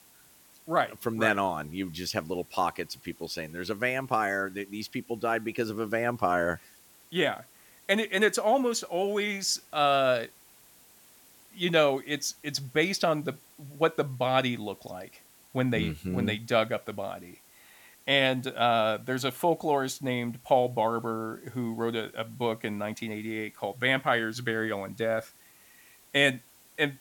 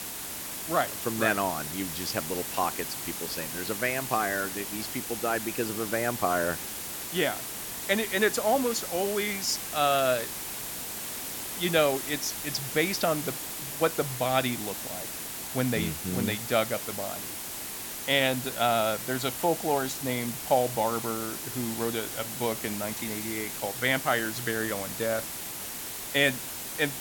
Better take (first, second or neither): first